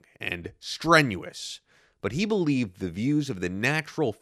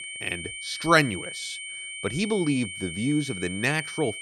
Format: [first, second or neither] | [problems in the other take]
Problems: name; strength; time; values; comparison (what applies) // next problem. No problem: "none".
first | high-pitched whine; loud; throughout; 2.5 kHz, 8 dB below the speech